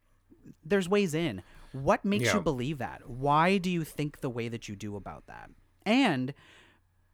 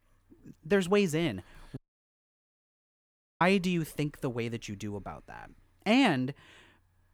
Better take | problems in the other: first | audio cutting out; at 2 s for 1.5 s

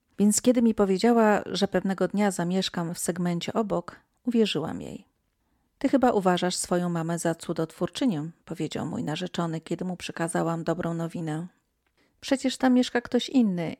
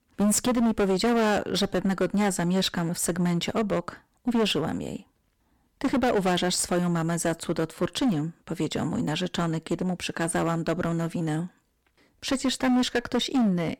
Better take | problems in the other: first | distortion; heavy; 13% of the sound clipped

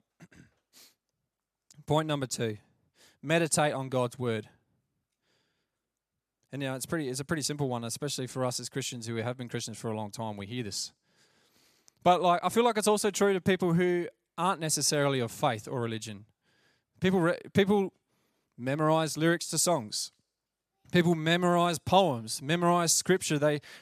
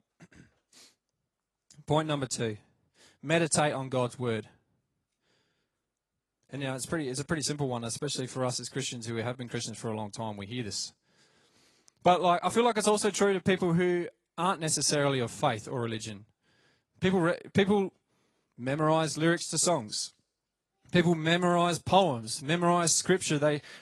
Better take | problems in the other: first | garbled, watery; slightly

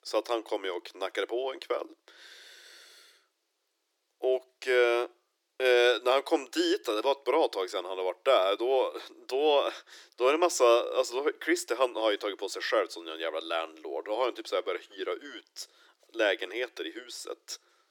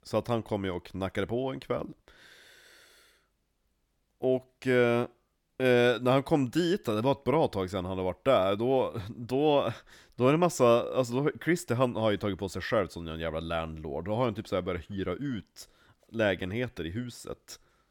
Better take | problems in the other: second | thin; very; fading below 350 Hz

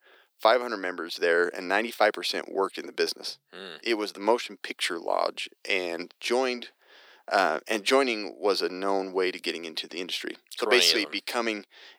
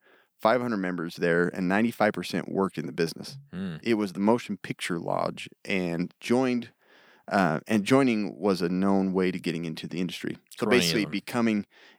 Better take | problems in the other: second | thin; somewhat; fading below 350 Hz

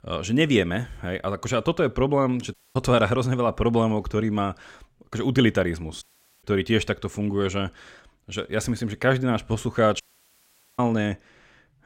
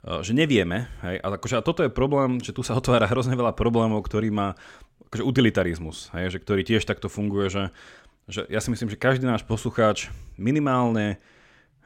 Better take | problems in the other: second | audio cutting out; at 2.5 s, at 6 s and at 10 s for 1 s

